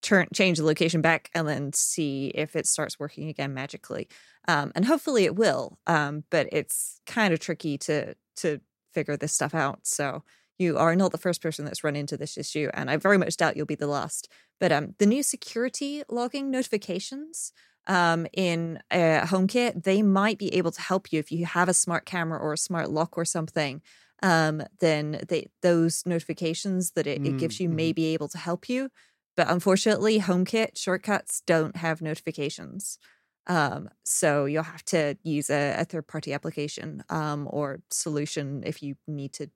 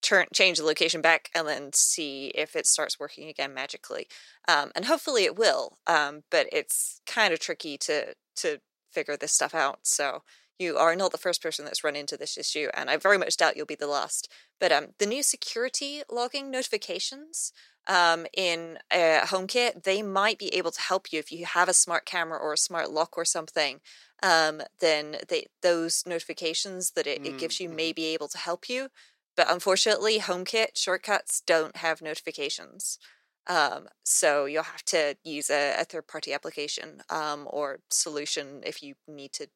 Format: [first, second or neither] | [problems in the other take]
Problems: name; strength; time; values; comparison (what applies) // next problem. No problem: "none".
first | thin; very; fading below 550 Hz